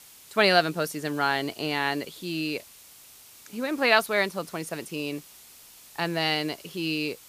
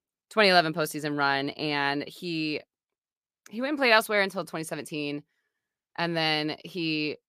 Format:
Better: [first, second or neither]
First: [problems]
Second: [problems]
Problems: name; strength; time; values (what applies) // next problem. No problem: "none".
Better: second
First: hiss; faint; throughout; 20 dB below the speech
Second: none